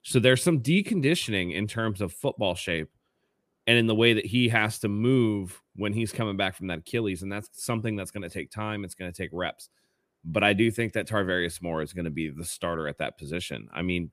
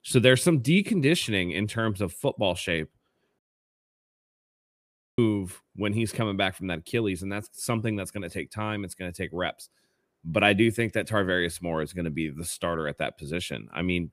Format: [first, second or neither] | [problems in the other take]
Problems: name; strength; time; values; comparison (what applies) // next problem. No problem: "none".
first | audio cutting out; at 3.5 s for 2 s